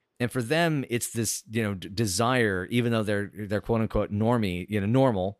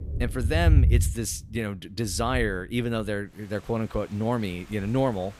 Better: first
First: none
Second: rain or running water; very loud; throughout; 3 dB above the speech

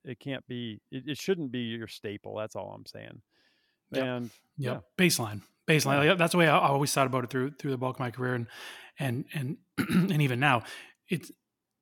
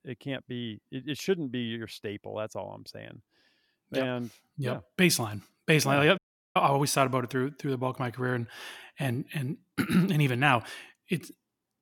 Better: first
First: none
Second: audio cutting out; at 6 s

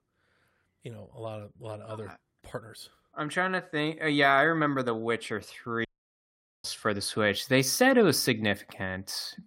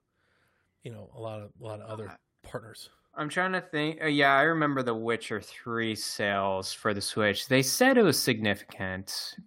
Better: second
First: audio cutting out; at 6 s for 1 s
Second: none

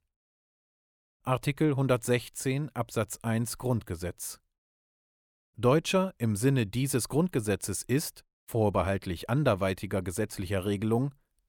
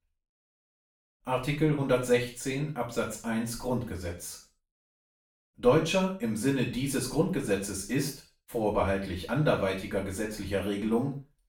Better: first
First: none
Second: room echo; noticeable; dies away in 0.4 s // off-mic speech; far

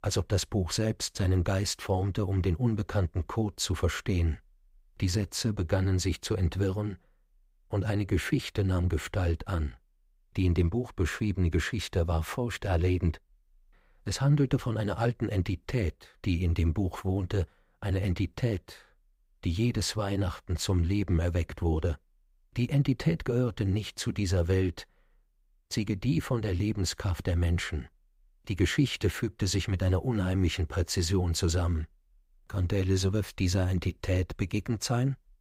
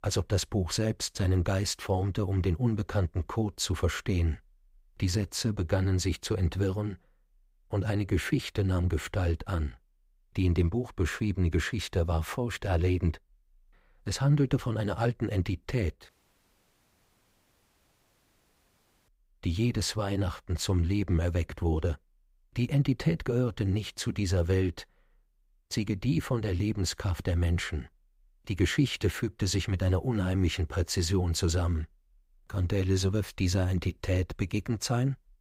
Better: first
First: none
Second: audio cutting out; at 16 s for 3 s

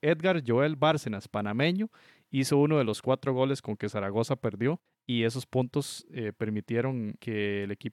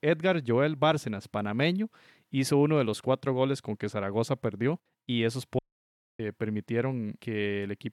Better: first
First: none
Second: audio cutting out; at 5.5 s for 0.5 s

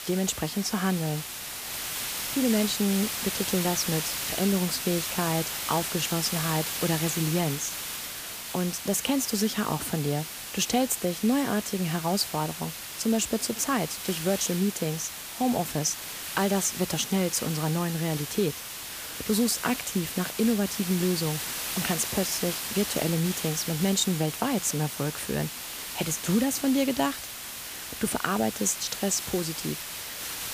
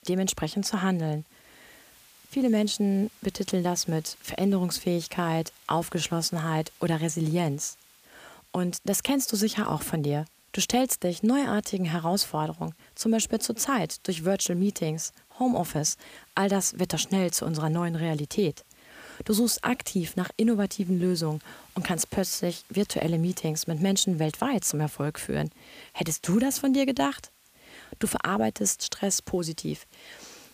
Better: second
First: hiss; loud; throughout; 5 dB below the speech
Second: hiss; faint; throughout; 30 dB below the speech

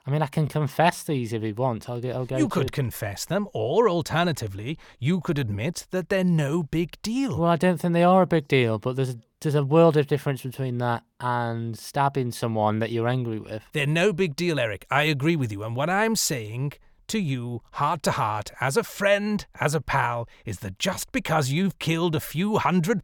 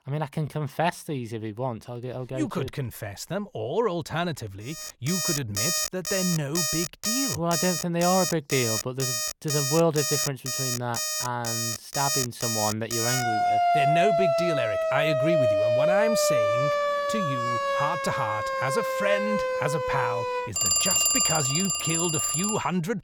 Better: first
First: none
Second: alarms or sirens; very loud; from 5 s on; 4 dB above the speech

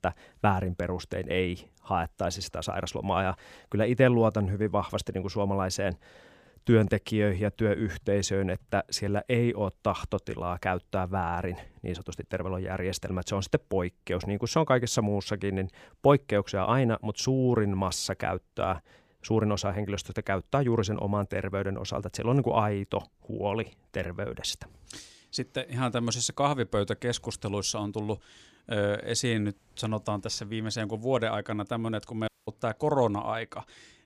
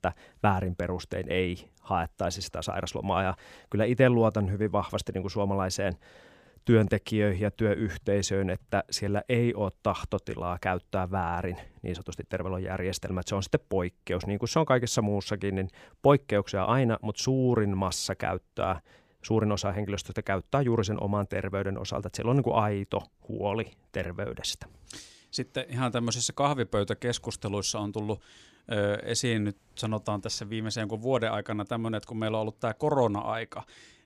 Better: second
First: audio cutting out; at 32 s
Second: none

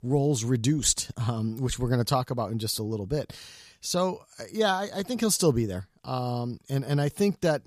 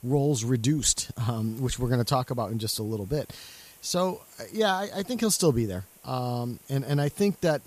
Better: first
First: none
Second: hiss; faint; throughout; 25 dB below the speech

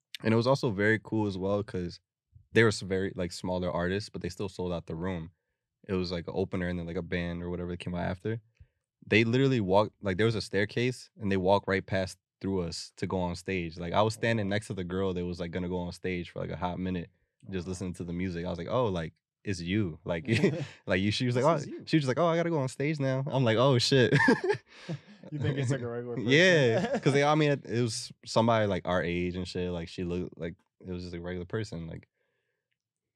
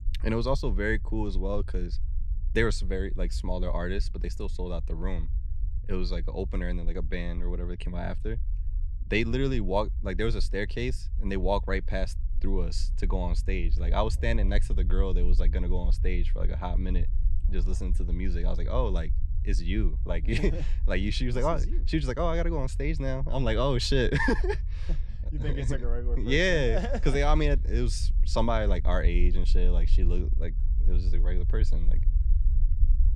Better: first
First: none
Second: low rumble; faint; throughout; 20 dB below the speech

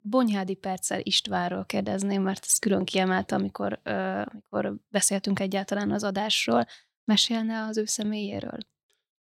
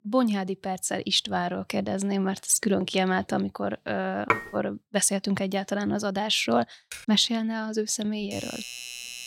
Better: first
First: none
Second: clattering dishes; noticeable; at 4.5 s; peak 1 dB below the speech // keyboard typing; faint; at 7 s; peak 15 dB below the speech // doorbell; noticeable; from 8 s on; peak 9 dB below the speech

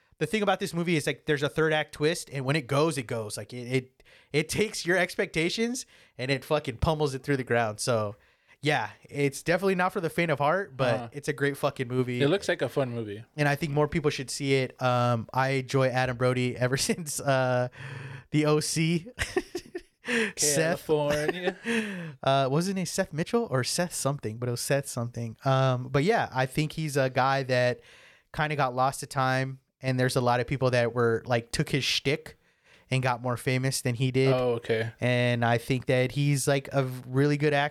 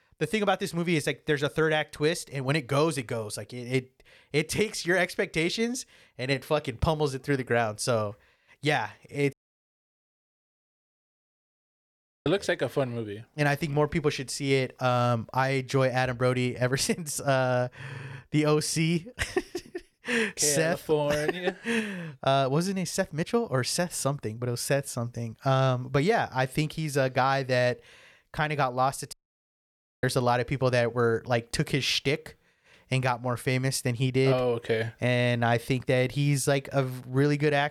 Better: first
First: none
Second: audio cutting out; at 9.5 s for 3 s and at 29 s for 1 s

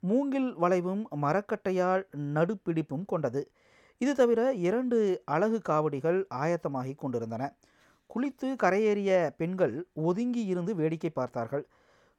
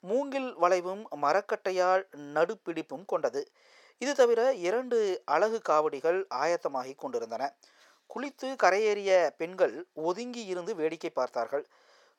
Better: first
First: none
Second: thin; somewhat; fading below 550 Hz

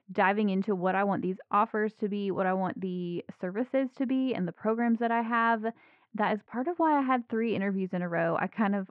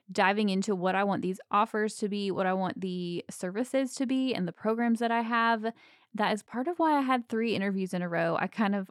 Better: second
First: muffled; very; fading above 2.5 kHz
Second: none

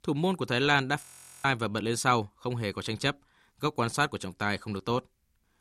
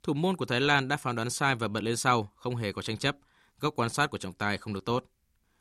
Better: second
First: audio freezing; at 1 s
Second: none

